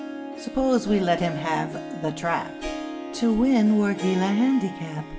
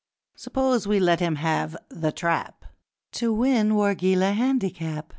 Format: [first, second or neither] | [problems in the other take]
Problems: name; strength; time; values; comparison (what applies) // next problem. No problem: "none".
second | background sound (Harp); 10 dB below the speech // room echo; dies away in 1.2 s